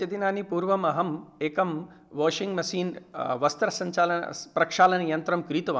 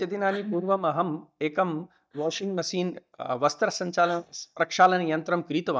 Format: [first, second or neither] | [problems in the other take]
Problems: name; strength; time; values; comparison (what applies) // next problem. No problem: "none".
first | noise reduction (neural mask model DeepFilterNet 3)